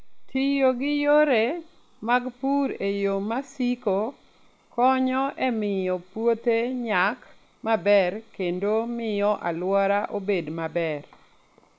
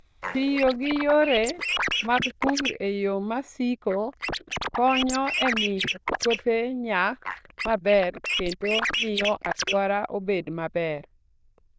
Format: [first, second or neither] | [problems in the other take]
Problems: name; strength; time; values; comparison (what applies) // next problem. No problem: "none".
first | noise reduction (neural diffusion model UNIVERSE++)